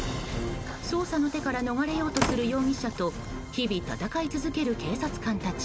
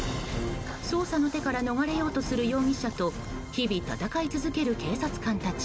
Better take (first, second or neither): second